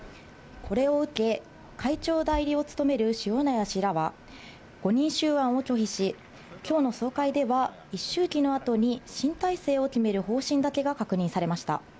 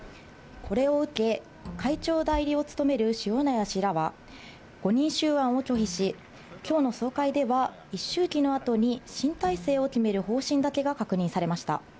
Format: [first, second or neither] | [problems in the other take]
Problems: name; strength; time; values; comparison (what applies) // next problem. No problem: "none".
first | background sound (Bowed string instrument); 18 dB below the speech